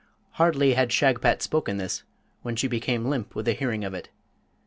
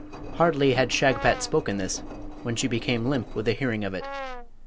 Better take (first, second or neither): first